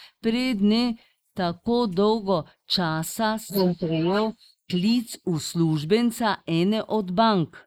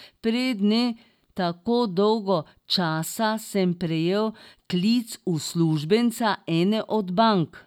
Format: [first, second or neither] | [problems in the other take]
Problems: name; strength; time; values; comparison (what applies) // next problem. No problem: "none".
second | noise reduction (neural mask model Resemble Enhance denoiser)